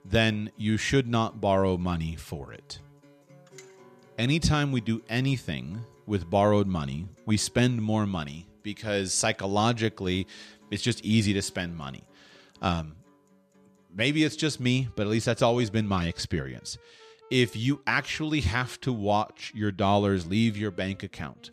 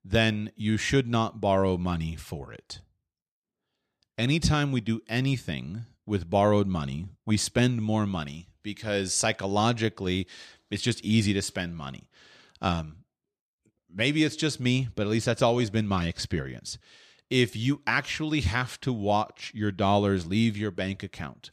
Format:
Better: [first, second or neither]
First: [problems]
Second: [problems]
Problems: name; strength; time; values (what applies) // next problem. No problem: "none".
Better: second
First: background music; faint; throughout; 30 dB below the speech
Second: none